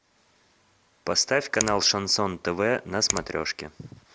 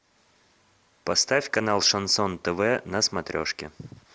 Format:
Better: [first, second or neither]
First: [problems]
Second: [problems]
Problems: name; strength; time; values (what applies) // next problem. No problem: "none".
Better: second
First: background sound (Finger snapping); 9 dB below the speech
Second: none